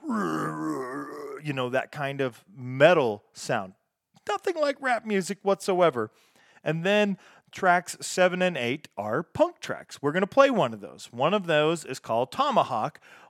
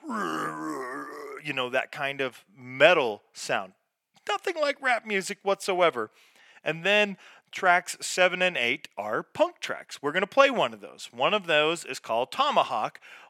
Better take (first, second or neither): first